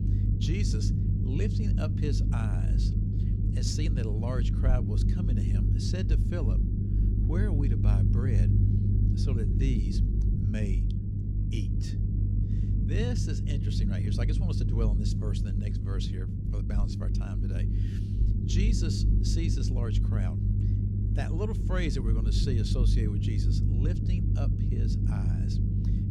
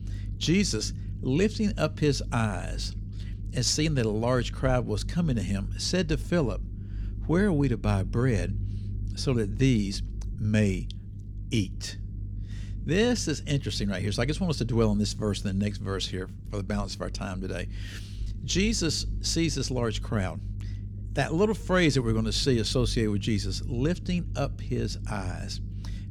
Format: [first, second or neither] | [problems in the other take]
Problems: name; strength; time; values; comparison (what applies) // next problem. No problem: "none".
second | low rumble; loud; throughout; as loud as the speech; faint in the second